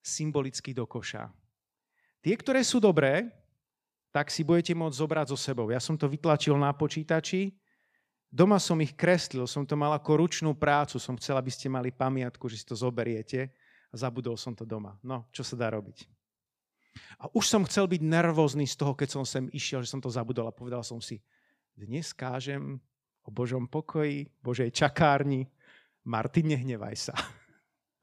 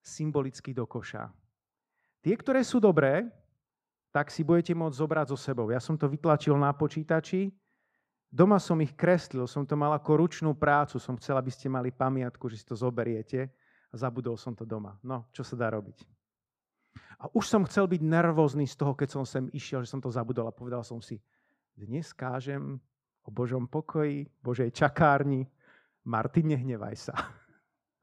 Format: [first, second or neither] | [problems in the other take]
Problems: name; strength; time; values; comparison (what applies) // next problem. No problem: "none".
first | muffled; slightly; fading above 1.5 kHz